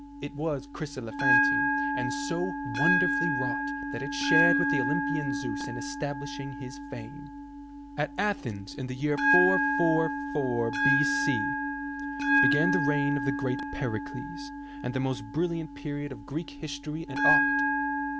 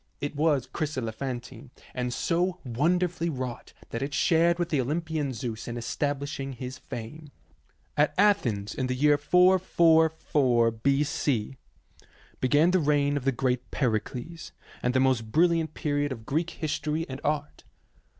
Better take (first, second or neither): second